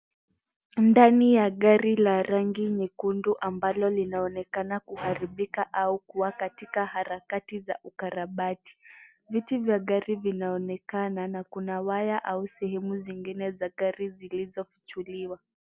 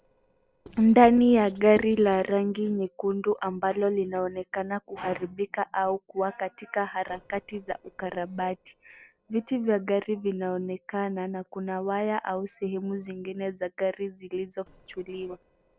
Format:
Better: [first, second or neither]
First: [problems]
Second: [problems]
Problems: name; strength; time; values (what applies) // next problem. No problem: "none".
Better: first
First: none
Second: noise reduction (neural separator model SepFormer DNS4)